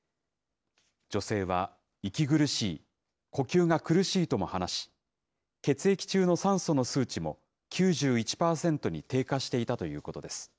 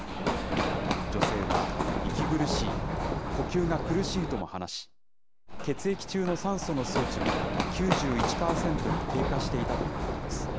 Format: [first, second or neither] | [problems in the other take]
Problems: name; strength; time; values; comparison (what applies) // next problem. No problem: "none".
first | background sound (Run); 3 dB above the speech